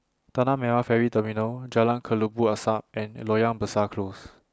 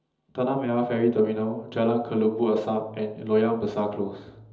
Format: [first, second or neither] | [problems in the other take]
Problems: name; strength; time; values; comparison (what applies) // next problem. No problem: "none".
first | room echo; dies away in 1.2 s